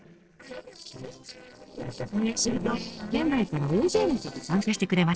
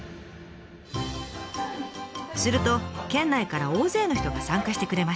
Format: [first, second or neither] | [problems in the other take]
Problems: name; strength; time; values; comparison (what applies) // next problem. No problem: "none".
second | noise reduction (neural separator model SepFormer DNS4)